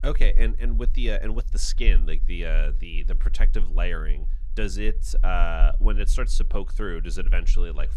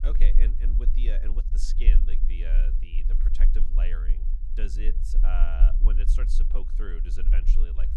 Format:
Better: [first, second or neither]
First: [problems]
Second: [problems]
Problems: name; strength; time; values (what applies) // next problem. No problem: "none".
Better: first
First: low rumble; faint; throughout; 20 dB below the speech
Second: low rumble; loud; throughout; 7 dB below the speech